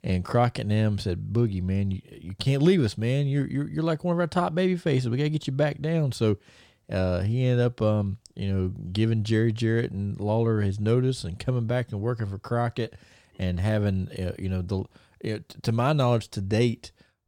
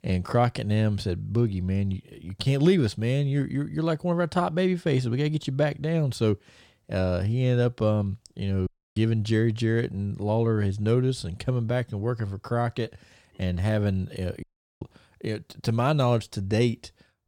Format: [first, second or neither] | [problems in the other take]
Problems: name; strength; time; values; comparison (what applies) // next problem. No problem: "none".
first | audio cutting out; at 8.5 s and at 14 s